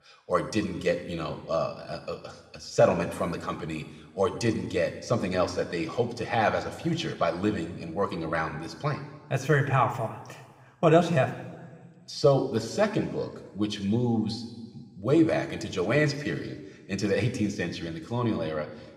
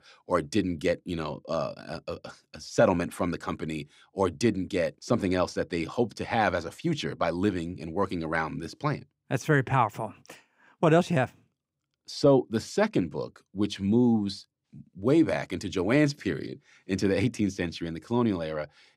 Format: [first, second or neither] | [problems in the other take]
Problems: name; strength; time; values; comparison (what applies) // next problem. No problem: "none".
second | room echo; slight; dies away in 1.2 s